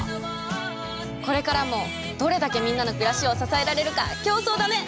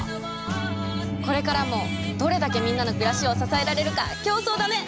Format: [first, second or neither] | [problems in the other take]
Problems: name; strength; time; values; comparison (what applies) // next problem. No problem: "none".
first | background sound (Organ); 4 dB below the speech